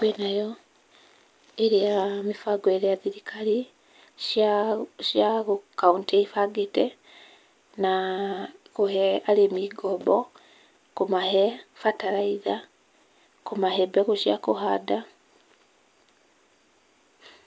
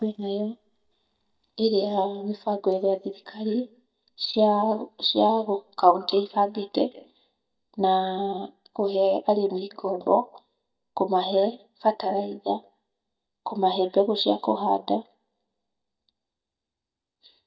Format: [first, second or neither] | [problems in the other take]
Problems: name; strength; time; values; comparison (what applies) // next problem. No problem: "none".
first | noise reduction (neural mask model DeepFilterNet 3)